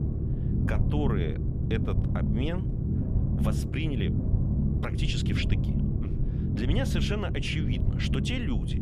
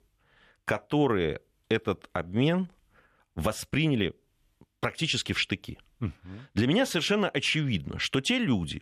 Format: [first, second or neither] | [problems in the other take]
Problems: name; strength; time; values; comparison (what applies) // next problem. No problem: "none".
second | low rumble; loud; throughout; 3 dB below the speech